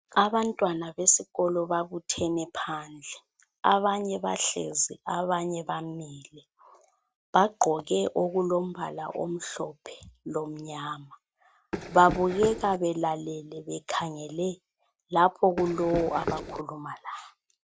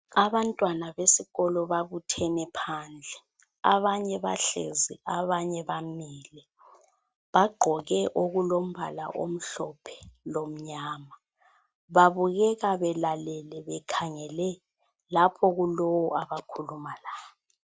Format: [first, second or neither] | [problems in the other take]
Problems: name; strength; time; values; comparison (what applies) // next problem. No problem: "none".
second | background sound (Run); 6 dB below the speech